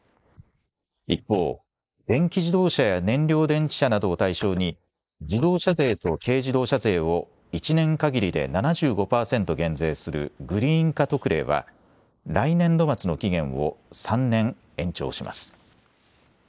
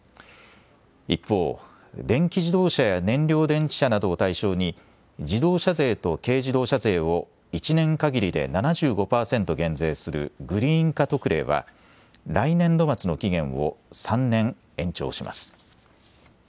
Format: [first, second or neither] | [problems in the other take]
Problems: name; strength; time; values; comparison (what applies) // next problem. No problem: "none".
second | noise reduction (neural mask model Resemble Enhance denoiser)